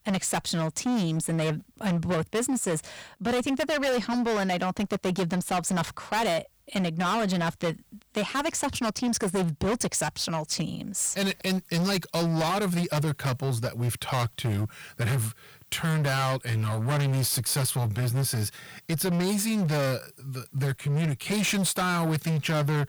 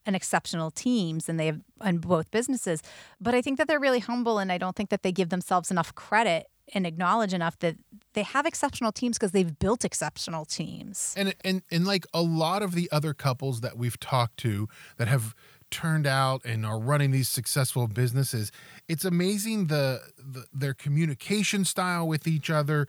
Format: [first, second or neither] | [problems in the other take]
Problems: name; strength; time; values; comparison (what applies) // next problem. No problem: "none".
second | distortion; heavy; 25% of the sound clipped